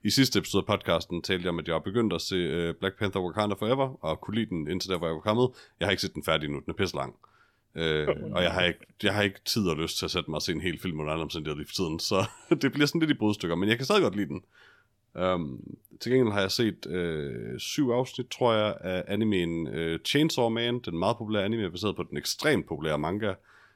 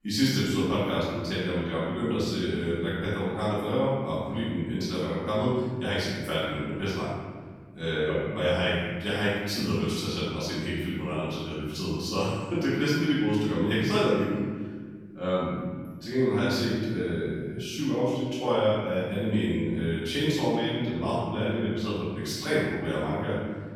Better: first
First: none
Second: room echo; strong; dies away in 1.6 s // off-mic speech; far

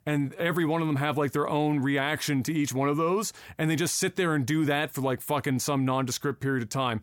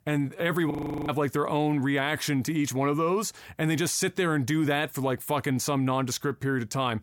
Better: first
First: none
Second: audio freezing; at 0.5 s

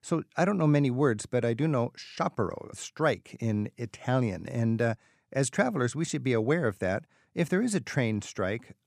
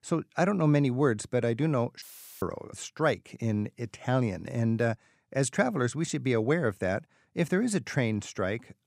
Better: first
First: none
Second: audio cutting out; filled with static; at 2 s

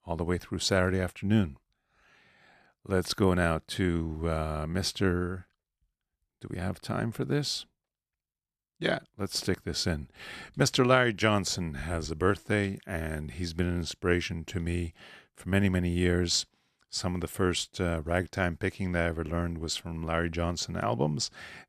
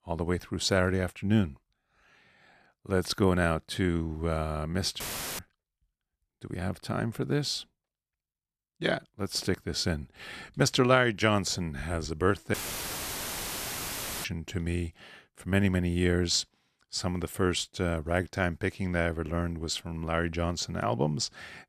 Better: first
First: none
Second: audio cutting out; filled with static; at 5 s and at 13 s for 1.5 s

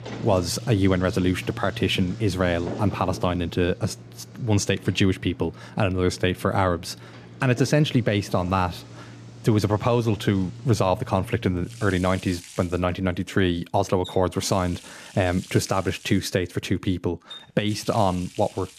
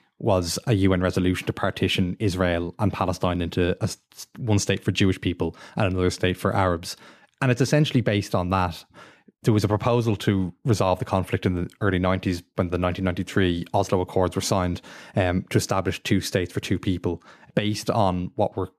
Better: second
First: household noises; noticeable; throughout; 15 dB below the speech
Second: none

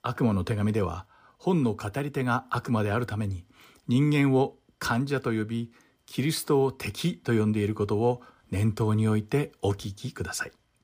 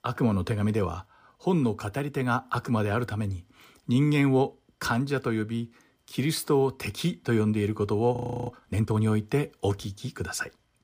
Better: first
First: none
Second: audio freezing; at 8 s

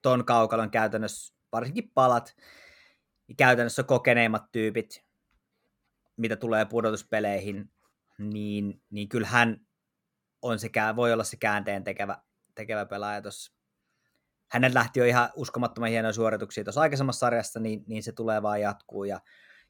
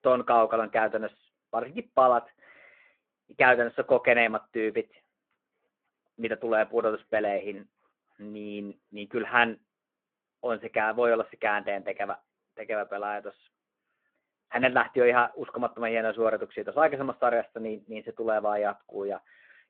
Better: first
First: none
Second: phone-call audio

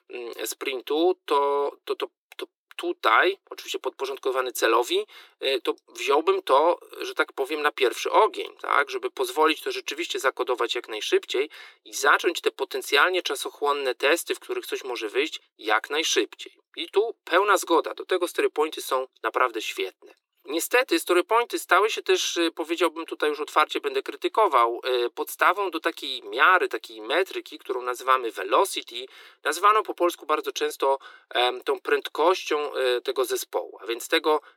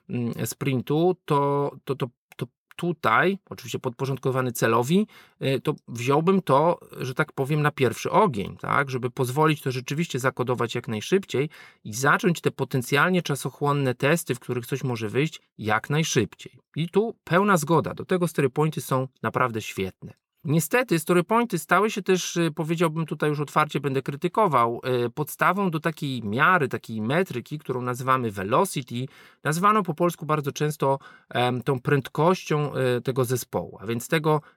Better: second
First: thin; very; fading below 300 Hz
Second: none

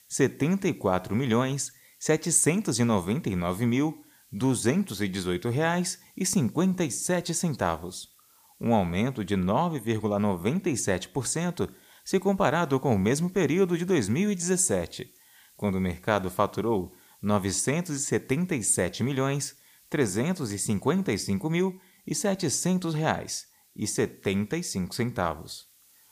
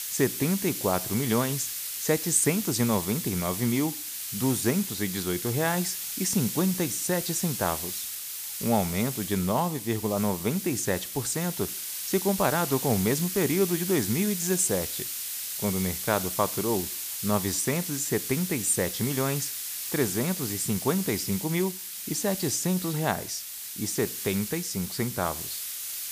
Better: first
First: hiss; faint; throughout; 30 dB below the speech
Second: hiss; loud; throughout; 4 dB below the speech

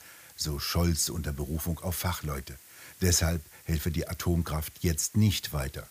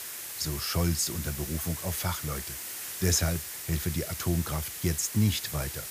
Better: first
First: hiss; faint; throughout; 20 dB below the speech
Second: hiss; loud; throughout; 6 dB below the speech

